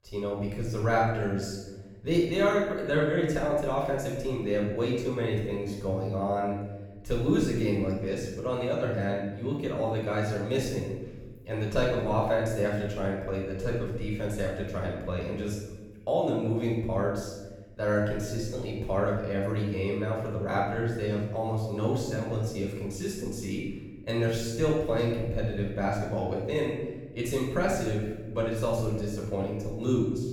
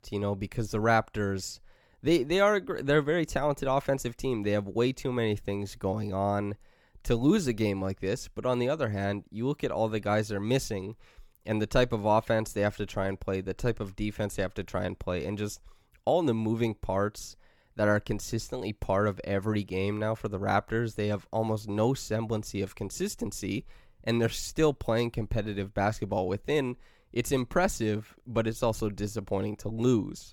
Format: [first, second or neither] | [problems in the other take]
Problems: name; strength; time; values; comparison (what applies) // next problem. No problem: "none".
second | off-mic speech; far // room echo; noticeable; dies away in 1.1 s